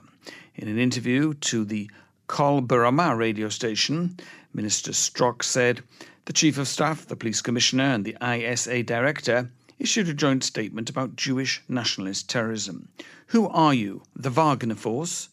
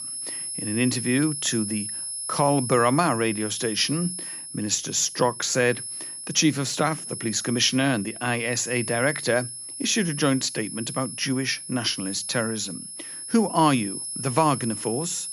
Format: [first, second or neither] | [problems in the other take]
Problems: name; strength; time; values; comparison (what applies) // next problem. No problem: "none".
first | high-pitched whine; loud; throughout; 10.5 kHz, 7 dB below the speech